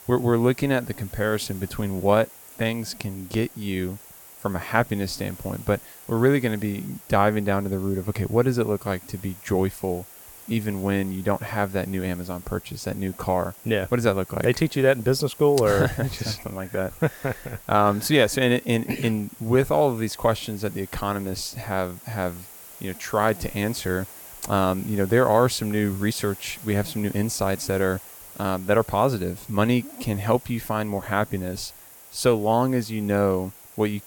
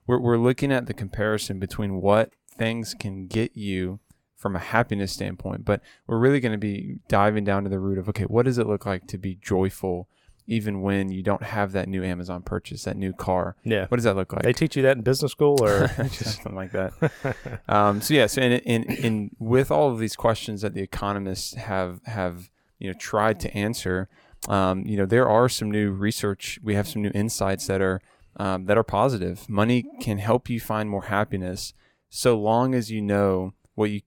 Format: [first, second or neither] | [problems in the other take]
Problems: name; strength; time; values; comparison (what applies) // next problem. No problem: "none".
second | hiss; noticeable; throughout; 20 dB below the speech